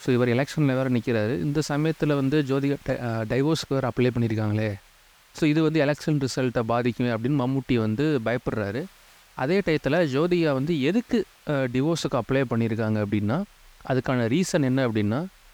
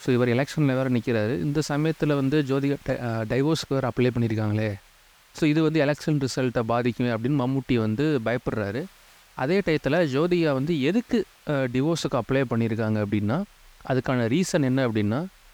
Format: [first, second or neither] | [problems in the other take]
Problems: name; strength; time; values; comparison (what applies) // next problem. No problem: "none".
neither | hiss; faint; throughout; 30 dB below the speech; the same in both